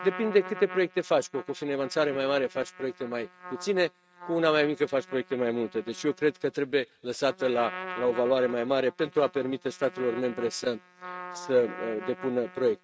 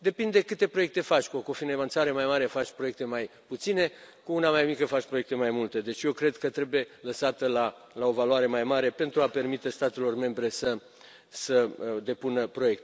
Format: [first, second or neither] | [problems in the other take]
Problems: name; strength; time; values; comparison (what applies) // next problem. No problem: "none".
second | noise reduction (neural mask model RNNoise)